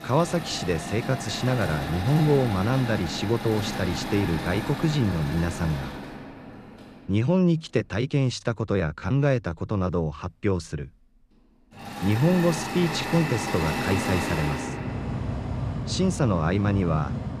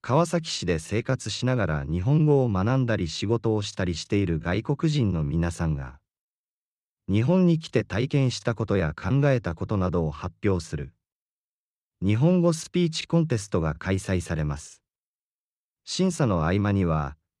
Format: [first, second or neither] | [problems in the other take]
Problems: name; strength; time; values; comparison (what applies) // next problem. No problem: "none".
second | machinery noise; loud; throughout; 6 dB below the speech